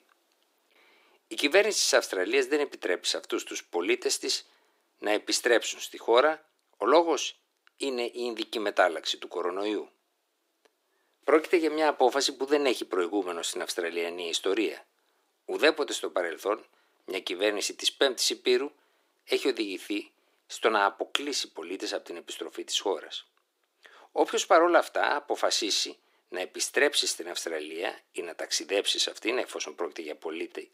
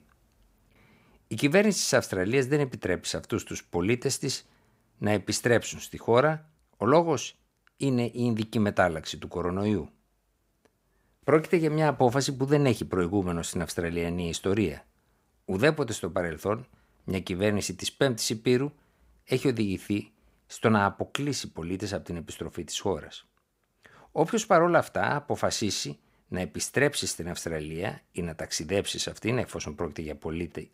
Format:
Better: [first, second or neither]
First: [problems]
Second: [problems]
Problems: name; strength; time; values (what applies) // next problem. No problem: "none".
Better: second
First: thin; somewhat; fading below 300 Hz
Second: none